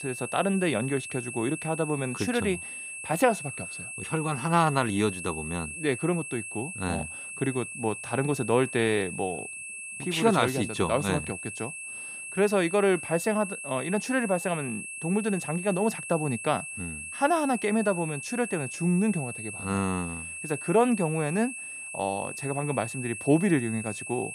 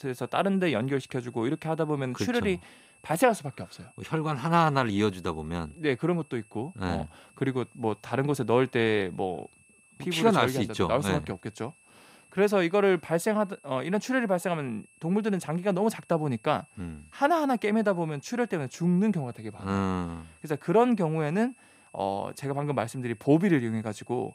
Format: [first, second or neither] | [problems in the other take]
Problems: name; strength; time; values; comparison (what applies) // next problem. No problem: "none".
second | high-pitched whine; loud; throughout; 2.5 kHz, 8 dB below the speech; faint in the second